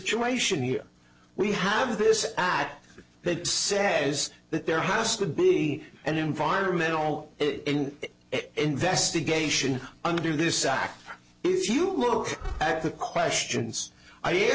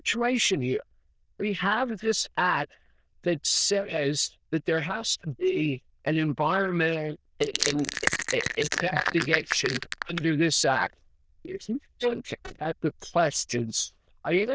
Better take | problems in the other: first | noise reduction (neural diffusion model UNIVERSE++)

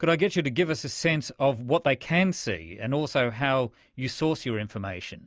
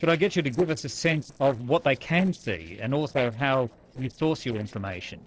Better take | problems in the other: first | noise reduction (neural separator model SepFormer DNS4)

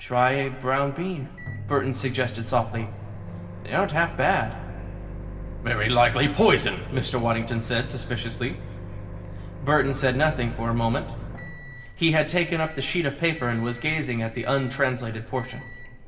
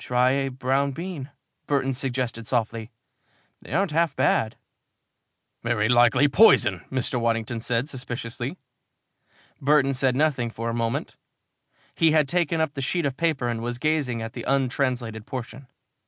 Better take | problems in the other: second | background sound (Microwave oven); 10 dB below the speech // room echo; dies away in 1.5 s

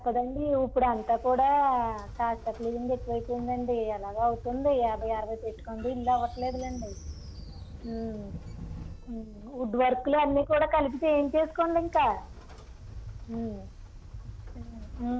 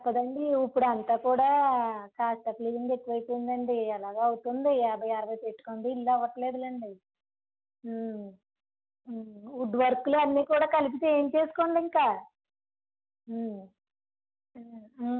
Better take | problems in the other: second | background sound (Train); 13 dB below the speech

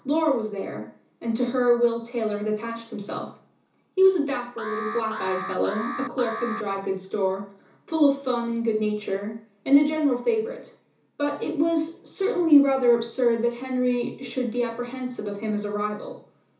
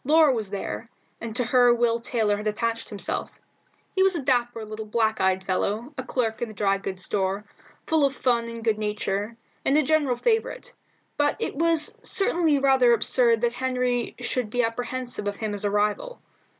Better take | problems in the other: second | background sound (Alarm); 10 dB below the speech // room echo; dies away in 0.9 s

